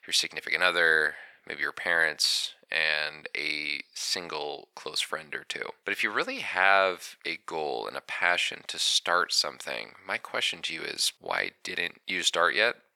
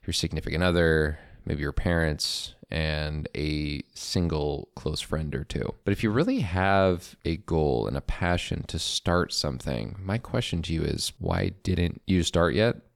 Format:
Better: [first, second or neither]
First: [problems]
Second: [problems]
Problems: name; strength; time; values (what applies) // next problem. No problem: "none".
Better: second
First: thin; very; fading below 750 Hz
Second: none